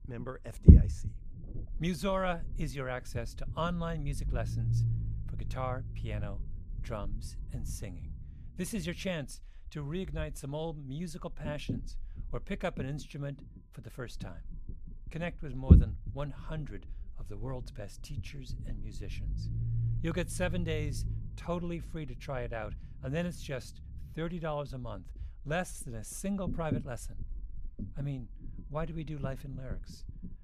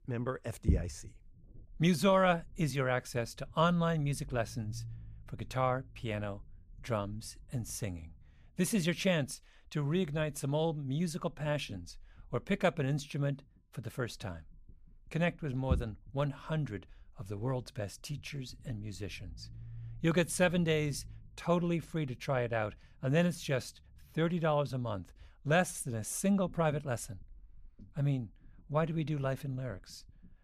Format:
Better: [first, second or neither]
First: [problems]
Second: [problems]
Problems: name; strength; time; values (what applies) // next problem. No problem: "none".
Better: second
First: low rumble; loud; throughout; 3 dB below the speech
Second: low rumble; faint; throughout; 20 dB below the speech